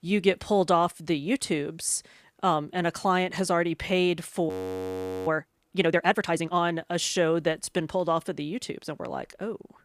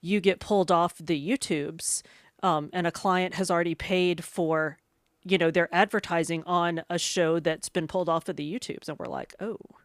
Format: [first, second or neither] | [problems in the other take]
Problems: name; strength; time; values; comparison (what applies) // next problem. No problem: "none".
second | audio freezing; at 4.5 s for 1 s